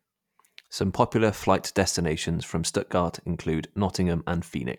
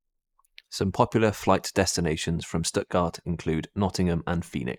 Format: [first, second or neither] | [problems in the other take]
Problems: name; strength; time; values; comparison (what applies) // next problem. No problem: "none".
first | noise reduction (neural mask model Resemble Enhance denoiser)